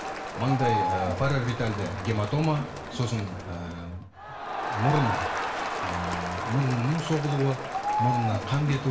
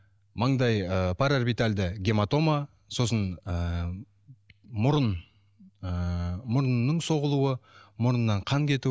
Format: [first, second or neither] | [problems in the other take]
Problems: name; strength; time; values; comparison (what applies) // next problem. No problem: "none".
second | background sound (Crowd); 3 dB below the speech // room echo; dies away in 0.5 s